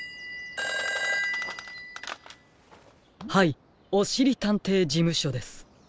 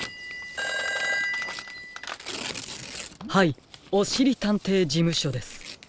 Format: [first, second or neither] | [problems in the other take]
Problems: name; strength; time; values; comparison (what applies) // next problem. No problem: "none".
first | background sound (Tearing); 14 dB below the speech